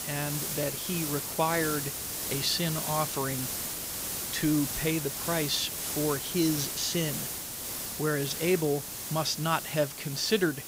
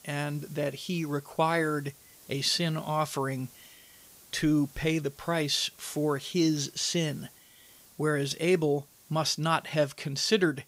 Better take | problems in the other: second | hiss; loud; throughout; 3 dB below the speech; faint in the second

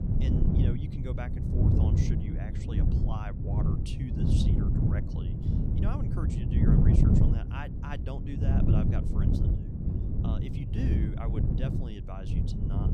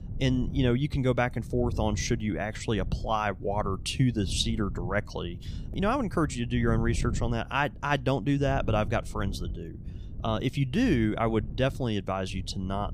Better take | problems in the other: second | wind noise on the microphone; heavy; 5 dB above the speech; occasional gusts in the second

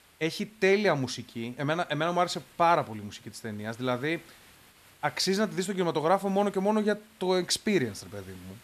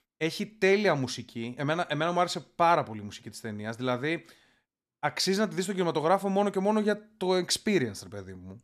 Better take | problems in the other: second | hiss; faint; throughout; 25 dB below the speech

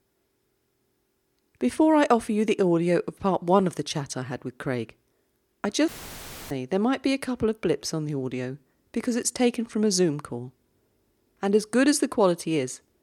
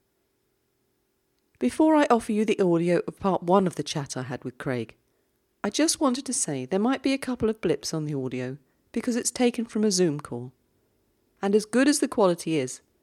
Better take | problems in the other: second | audio cutting out; filled with static; at 6 s for 0.5 s

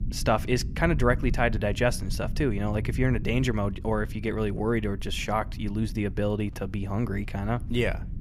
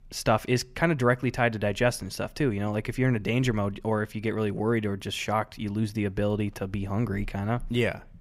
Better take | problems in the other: second | low rumble; noticeable; throughout; 20 dB below the speech

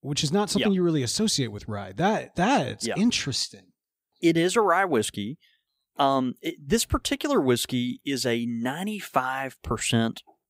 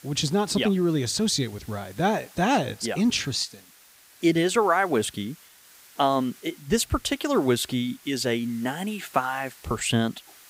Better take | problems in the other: first | hiss; faint; throughout; 25 dB below the speech

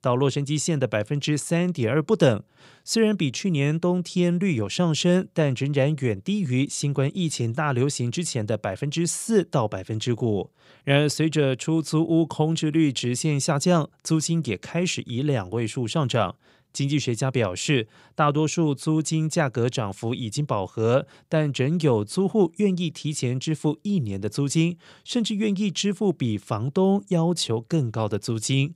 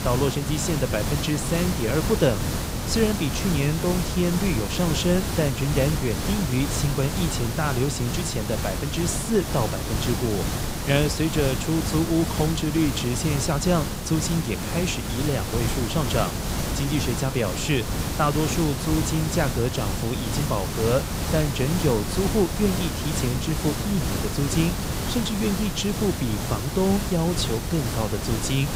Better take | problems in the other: first | hiss; loud; throughout; 2 dB below the speech

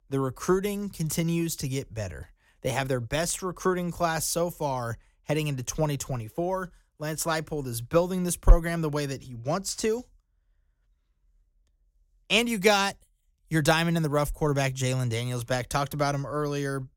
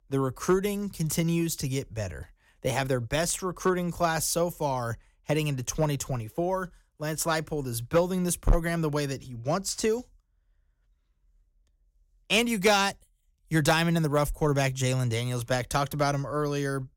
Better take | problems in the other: first | distortion; slight; 0.8% of the sound clipped

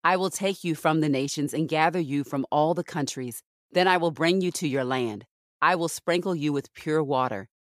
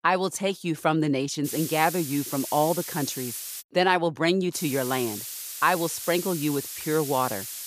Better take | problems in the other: first | hiss; loud; from 1.5 to 3.5 s and from 4.5 s on; 8 dB below the speech

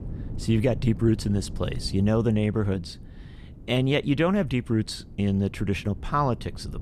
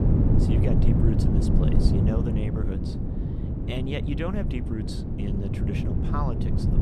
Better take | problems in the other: first | wind noise on the microphone; heavy; 1 dB above the speech; occasional gusts in the first

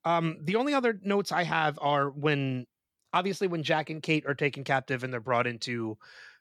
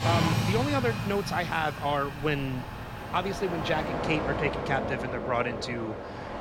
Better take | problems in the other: first | train or aircraft noise; loud; throughout; 2 dB below the speech

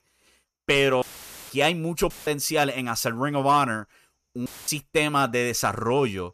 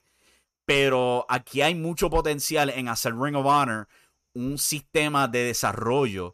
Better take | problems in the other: second | audio cutting out; filled with static; at 1 s, at 2 s and at 4.5 s

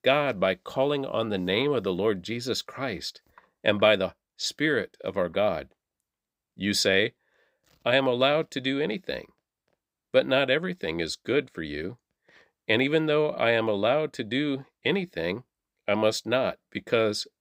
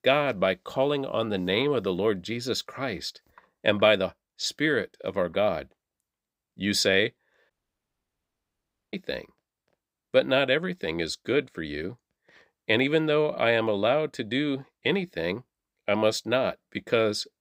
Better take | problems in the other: first | audio cutting out; at 7.5 s for 1.5 s

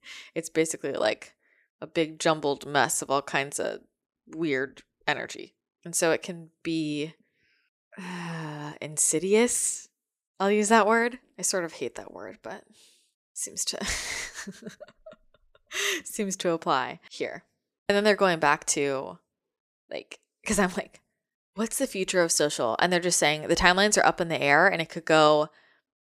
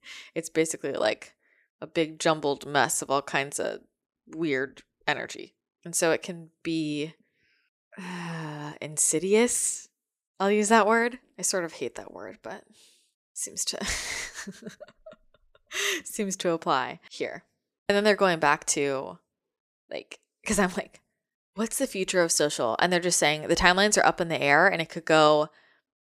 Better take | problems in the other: neither | none

